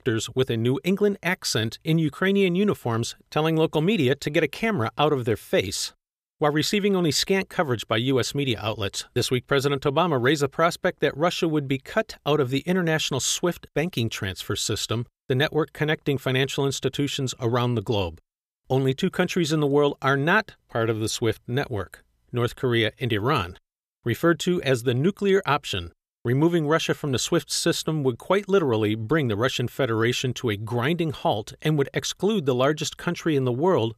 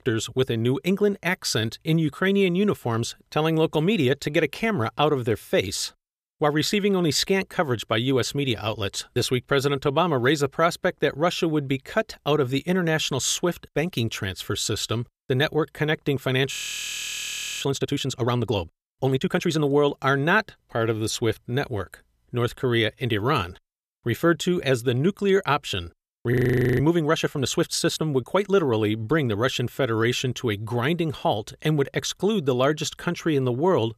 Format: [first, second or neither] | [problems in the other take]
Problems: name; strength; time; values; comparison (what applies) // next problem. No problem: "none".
first | audio freezing; at 17 s for 1 s and at 26 s